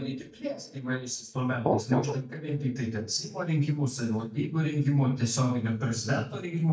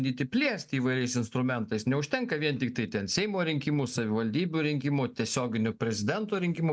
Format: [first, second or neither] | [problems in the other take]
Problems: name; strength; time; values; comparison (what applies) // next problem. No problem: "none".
second | noise reduction (neural mask model DeepFilterNet 3)